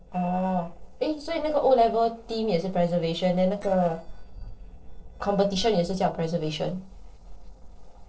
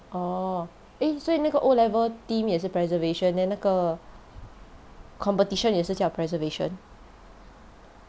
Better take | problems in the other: second | noise reduction (neural separator model SepFormer DNS4)

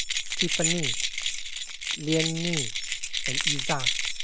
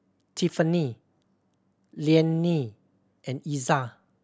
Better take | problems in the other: second | background sound (Keys jangling); 5 dB above the speech

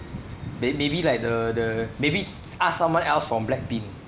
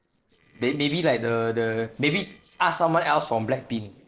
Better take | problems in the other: first | noise reduction (neural separator model SepFormer DNS4)

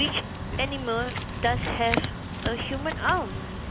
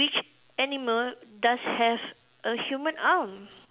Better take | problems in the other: second | background sound (Truck + Chink, clink / Domestic sounds, home sounds); 2 dB below the speech

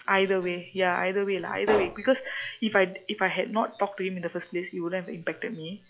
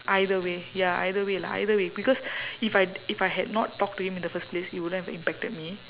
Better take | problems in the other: second | noise reduction (classical method log-MMSE)

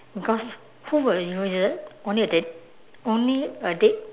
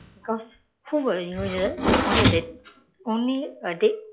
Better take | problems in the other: first | noise reduction (classical method log-MMSE)

